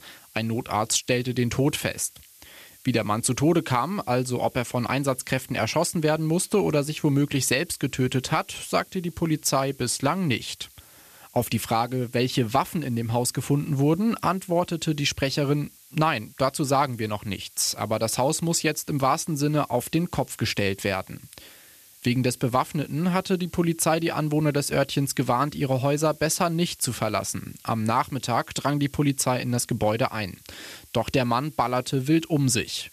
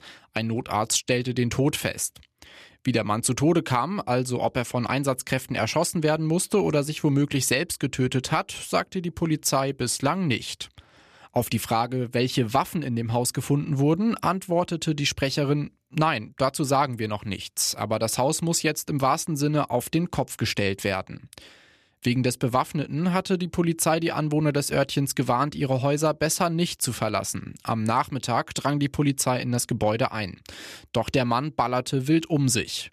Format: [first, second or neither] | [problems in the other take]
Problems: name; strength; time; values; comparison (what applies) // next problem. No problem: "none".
second | hiss; faint; throughout; 25 dB below the speech